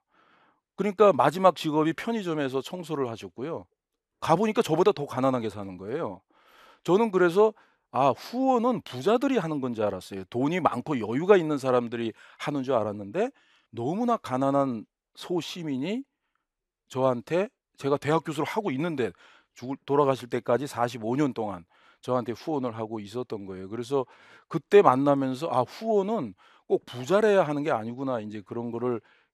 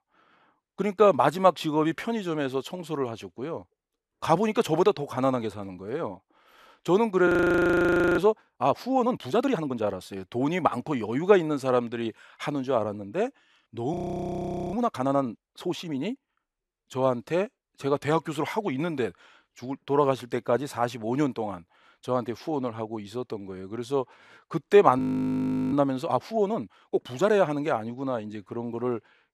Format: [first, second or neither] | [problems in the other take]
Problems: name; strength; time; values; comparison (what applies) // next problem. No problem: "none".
first | audio freezing; at 7.5 s for 1 s, at 14 s for 1 s and at 25 s for 0.5 s